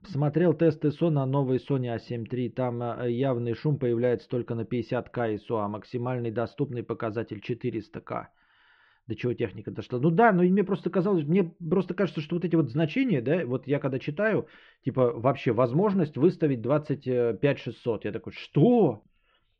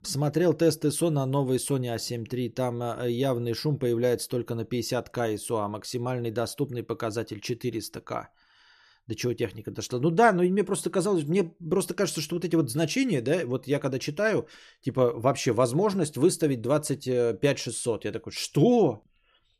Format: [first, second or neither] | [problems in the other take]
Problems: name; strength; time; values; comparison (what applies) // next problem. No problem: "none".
second | muffled; very; fading above 3 kHz